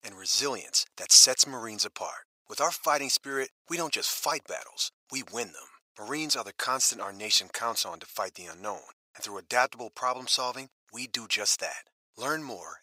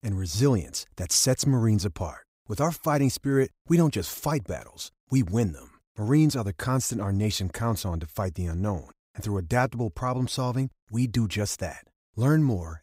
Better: second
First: thin; very; fading below 750 Hz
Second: none

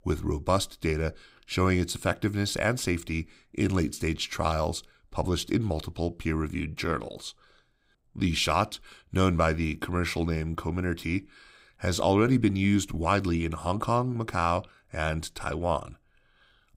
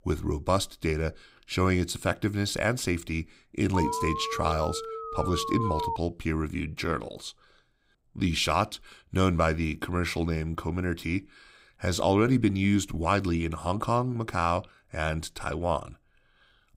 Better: first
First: none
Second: alarm; noticeable; from 3.5 to 6 s; peak 2 dB below the speech

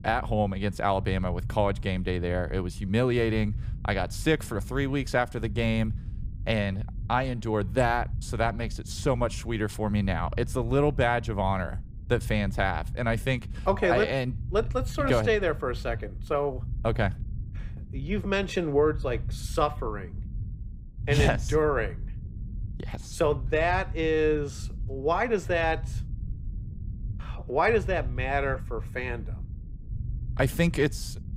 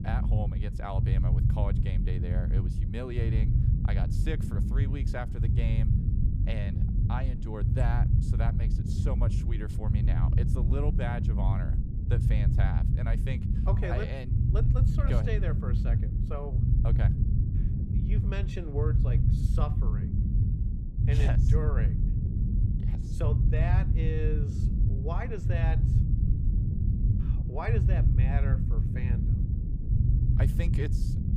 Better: first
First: low rumble; faint; throughout; 25 dB below the speech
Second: low rumble; loud; throughout; 2 dB below the speech

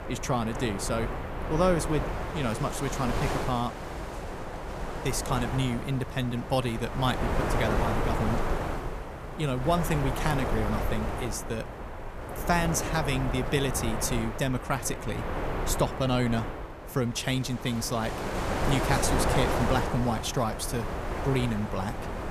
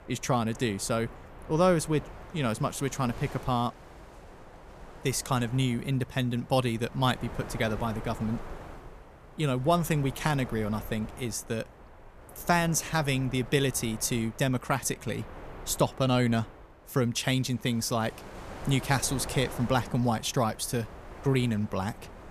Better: second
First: wind noise on the microphone; heavy; 2 dB below the speech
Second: wind noise on the microphone; occasional gusts; 15 dB below the speech

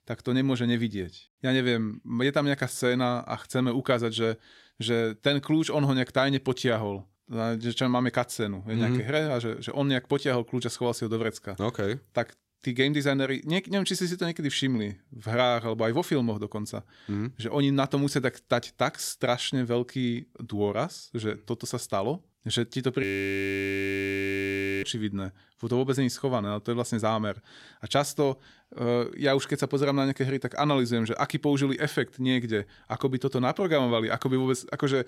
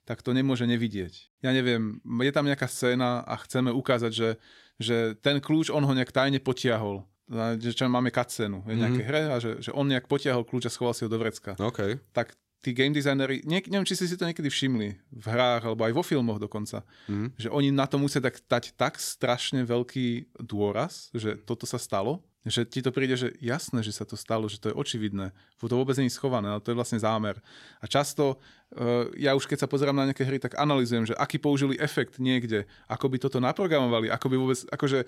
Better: second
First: audio freezing; at 23 s for 2 s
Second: none

